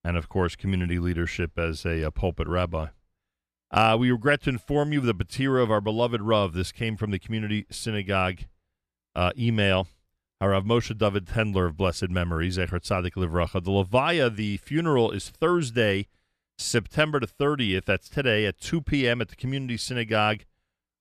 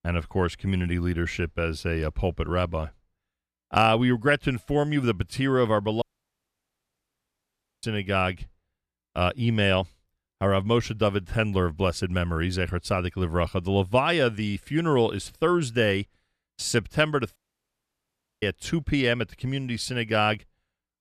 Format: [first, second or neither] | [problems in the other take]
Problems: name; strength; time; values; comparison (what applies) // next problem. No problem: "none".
first | audio cutting out; at 6 s for 2 s and at 17 s for 1 s